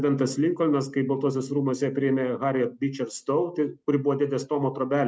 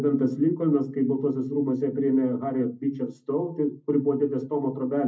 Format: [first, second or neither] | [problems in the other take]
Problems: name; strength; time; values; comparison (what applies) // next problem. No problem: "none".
first | room echo; dies away in 0.4 s